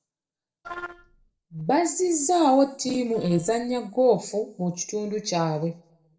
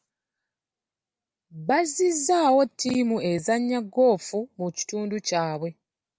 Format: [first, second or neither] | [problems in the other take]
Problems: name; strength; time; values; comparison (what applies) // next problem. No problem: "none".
second | noise reduction (neural separator model SepFormer DNS4)